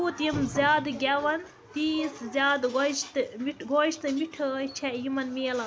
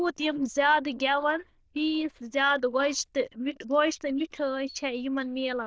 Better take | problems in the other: first | noise reduction (neural diffusion model UNIVERSE++)

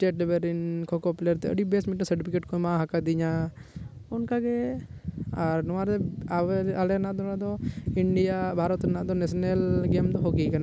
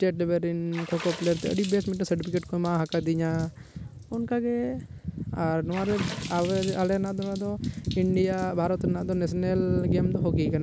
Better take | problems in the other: first | background sound (Water / Splash, splatter); 19 dB below the speech

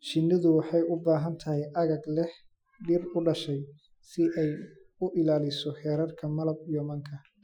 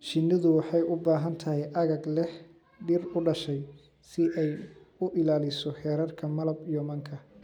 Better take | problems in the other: second | noise reduction (classical method Wiener filter)

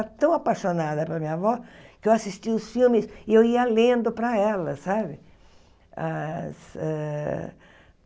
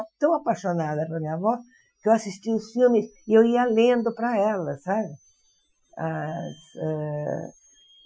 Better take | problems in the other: first | noise reduction (classical method Wiener filter)

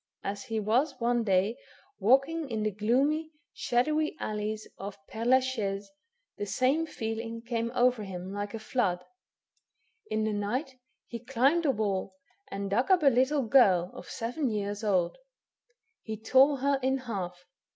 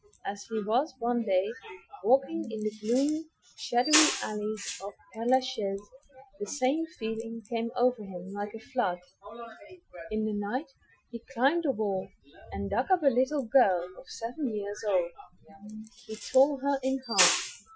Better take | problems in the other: first | noise reduction (classical method Wiener filter)

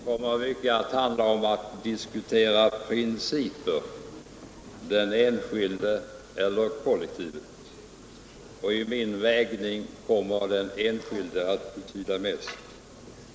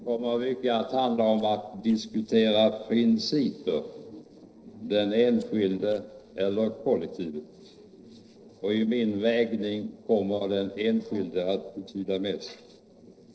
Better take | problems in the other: first | noise reduction (neural separator model SepFormer DNS4)

